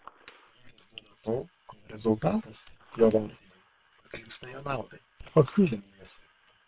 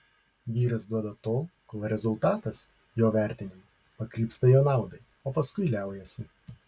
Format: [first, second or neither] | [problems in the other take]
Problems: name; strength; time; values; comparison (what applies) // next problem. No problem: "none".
second | noise reduction (neural separator model SepFormer WHAM!)